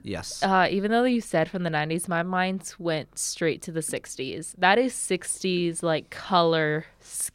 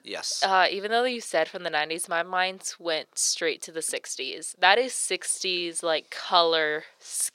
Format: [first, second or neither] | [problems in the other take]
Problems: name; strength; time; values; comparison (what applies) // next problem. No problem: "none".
first | thin; very; fading below 500 Hz